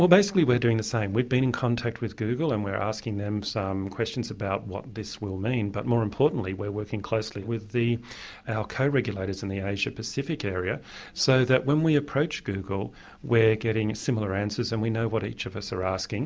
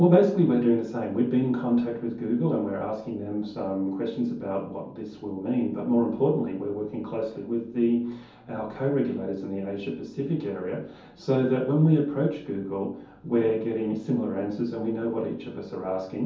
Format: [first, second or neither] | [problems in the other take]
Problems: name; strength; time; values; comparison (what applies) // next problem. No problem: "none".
first | room echo; dies away in 0.6 s